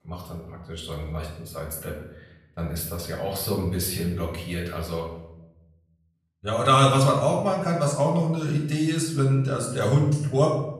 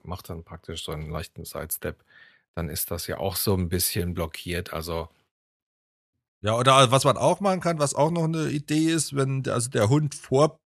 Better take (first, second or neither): second